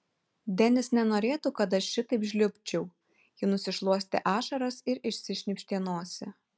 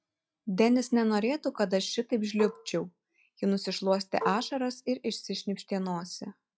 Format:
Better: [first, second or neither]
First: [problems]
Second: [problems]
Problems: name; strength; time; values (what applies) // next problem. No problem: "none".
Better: first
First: none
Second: noise reduction (classical method log-MMSE)